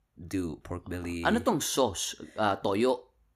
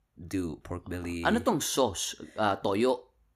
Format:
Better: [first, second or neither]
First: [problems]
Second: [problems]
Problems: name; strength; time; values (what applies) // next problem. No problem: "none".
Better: neither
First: none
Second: none